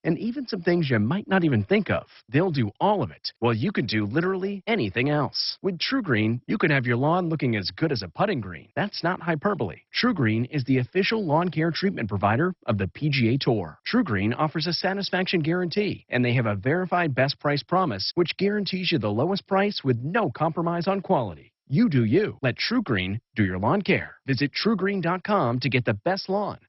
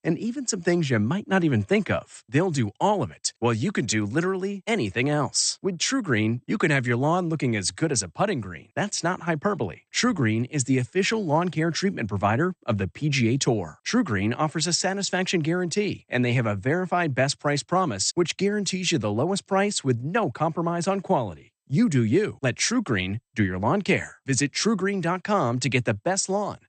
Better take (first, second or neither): second